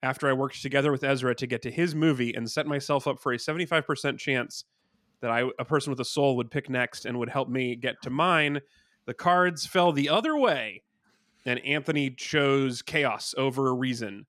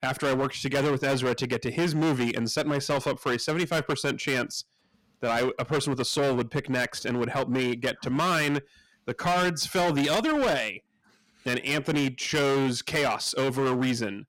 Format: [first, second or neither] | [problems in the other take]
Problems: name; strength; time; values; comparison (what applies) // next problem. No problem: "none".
first | distortion; heavy; 18% of the sound clipped